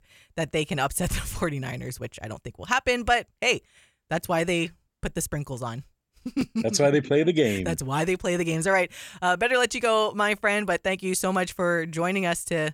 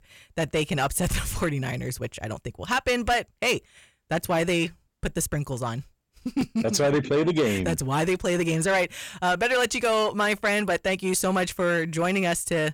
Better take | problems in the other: first | distortion; slight; 10 dB below the speech

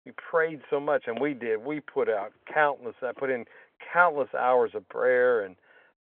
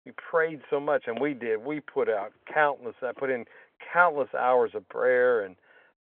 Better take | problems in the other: neither | phone-call audio; the same in both

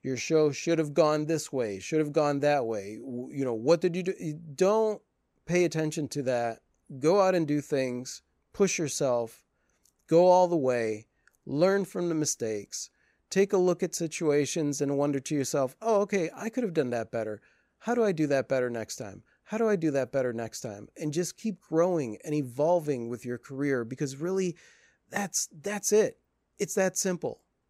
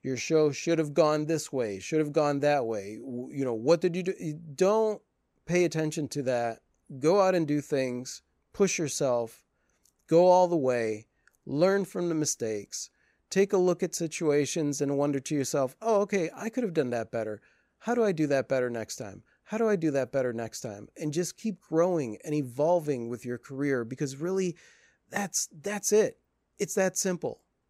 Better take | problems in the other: neither | none

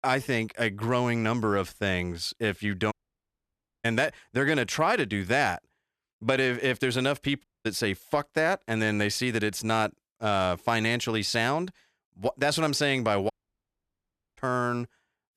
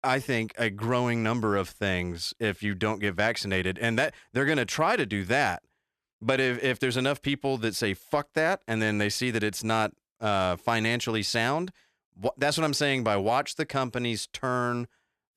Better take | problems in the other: second | audio cutting out; at 3 s for 1 s, at 7.5 s and at 13 s for 1 s

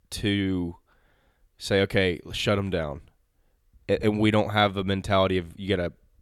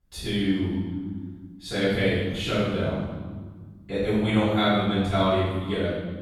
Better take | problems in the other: first | off-mic speech; far // room echo; strong; dies away in 1.6 s

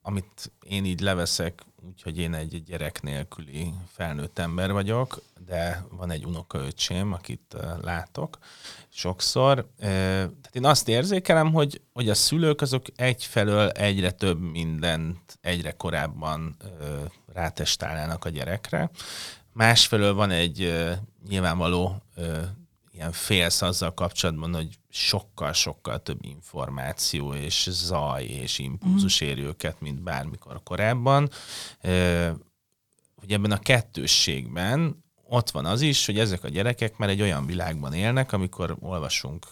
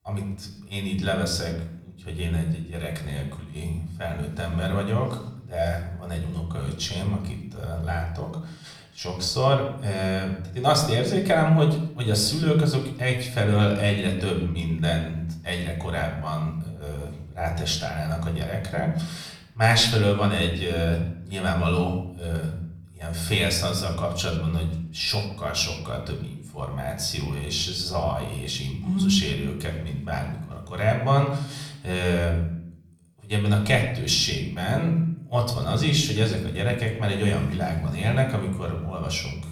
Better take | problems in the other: first | off-mic speech; far // room echo; slight; dies away in 0.7 s

